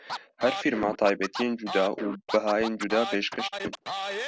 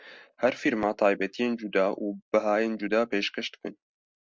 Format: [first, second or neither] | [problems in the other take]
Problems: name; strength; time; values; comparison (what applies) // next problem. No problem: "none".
second | background sound (Scratching (performance technique)); 7 dB below the speech